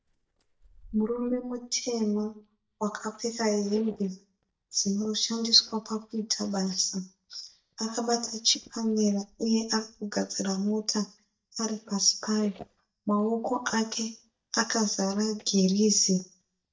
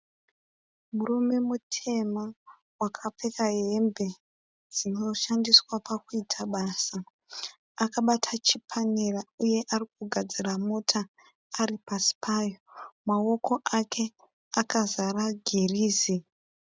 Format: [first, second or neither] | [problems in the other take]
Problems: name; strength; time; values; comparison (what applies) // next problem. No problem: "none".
second | noise reduction (neural mask model DeepFilterNet 3)